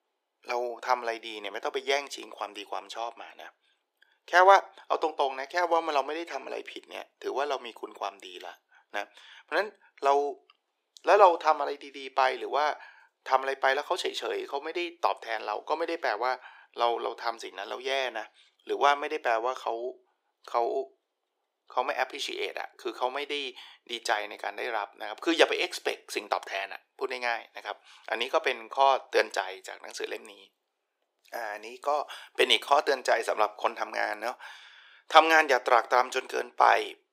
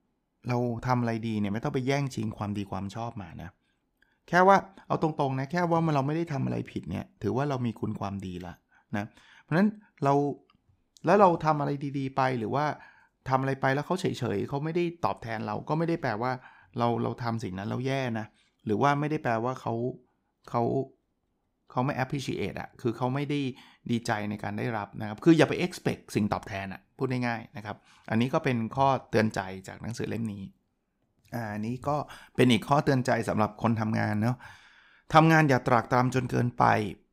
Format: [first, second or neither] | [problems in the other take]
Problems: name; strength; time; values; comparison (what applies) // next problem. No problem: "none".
second | thin; very; fading below 400 Hz